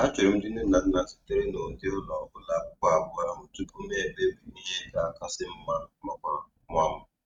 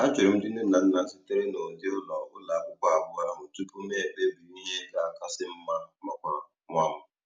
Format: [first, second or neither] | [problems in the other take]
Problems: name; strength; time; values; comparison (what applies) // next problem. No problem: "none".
second | noise reduction (neural mask model RNNoise)